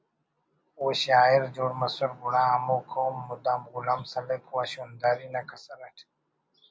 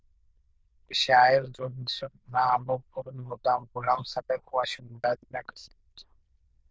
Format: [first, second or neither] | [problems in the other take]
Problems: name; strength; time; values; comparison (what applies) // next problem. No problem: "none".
first | noise reduction (neural diffusion model UNIVERSE++)